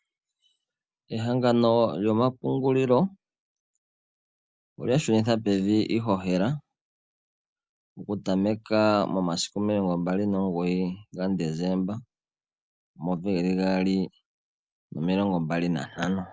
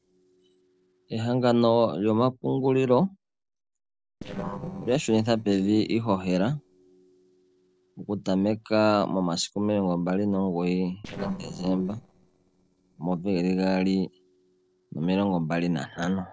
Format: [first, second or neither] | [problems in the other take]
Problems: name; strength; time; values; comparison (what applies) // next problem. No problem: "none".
first | noise reduction (neural separator model SepFormer DNS4)